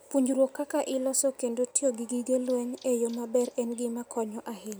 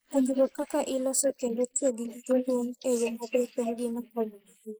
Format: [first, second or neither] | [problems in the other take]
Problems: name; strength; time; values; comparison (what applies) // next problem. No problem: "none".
first | noise reduction (neural mask model Resemble Enhance denoiser)